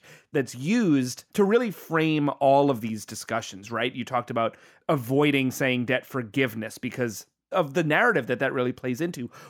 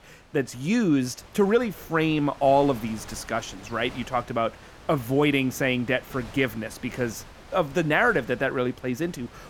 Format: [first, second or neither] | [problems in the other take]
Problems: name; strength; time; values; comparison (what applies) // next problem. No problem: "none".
first | wind noise on the microphone; occasional gusts; 20 dB below the speech